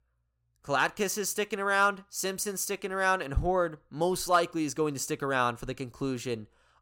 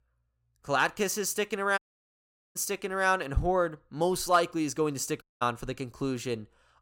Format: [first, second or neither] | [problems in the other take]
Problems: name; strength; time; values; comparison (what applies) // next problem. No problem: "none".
first | audio cutting out; at 2 s for 1 s and at 5 s